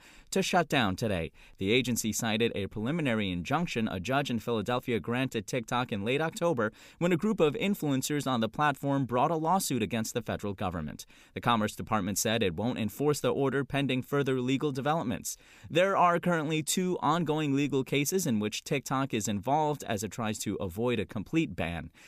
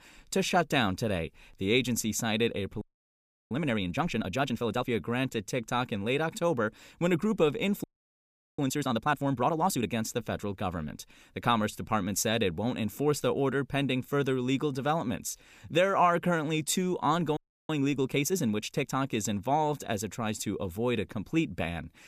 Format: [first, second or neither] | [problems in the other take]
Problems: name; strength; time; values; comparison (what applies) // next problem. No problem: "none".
first | audio freezing; at 3 s for 0.5 s, at 8 s for 0.5 s and at 17 s